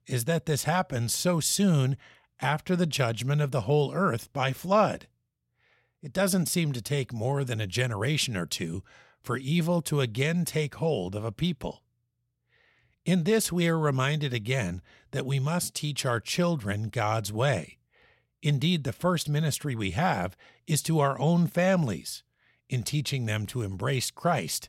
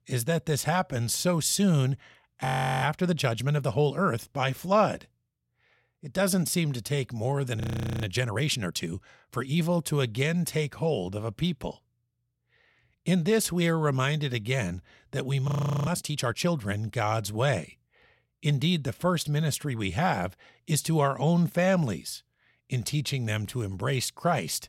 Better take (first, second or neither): first